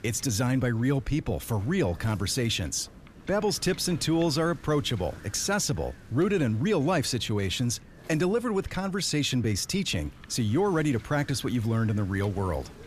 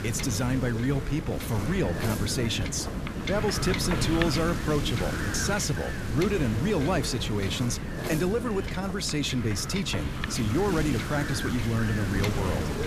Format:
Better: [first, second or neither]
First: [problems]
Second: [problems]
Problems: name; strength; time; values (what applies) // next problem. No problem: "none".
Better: first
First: wind noise on the microphone; occasional gusts; 20 dB below the speech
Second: wind noise on the microphone; heavy; 3 dB below the speech